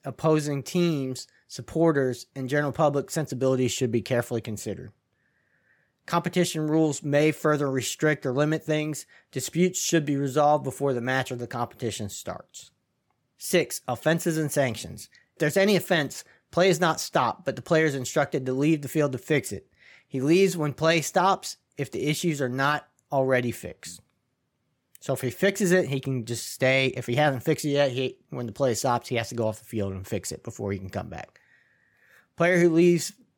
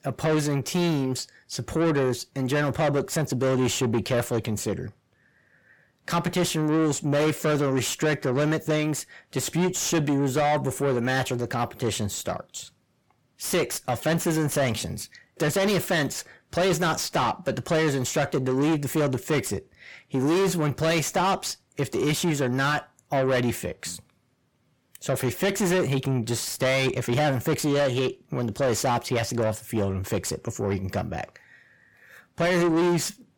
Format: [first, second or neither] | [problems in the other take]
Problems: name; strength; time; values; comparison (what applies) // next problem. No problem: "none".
first | distortion; heavy; 7 dB below the speech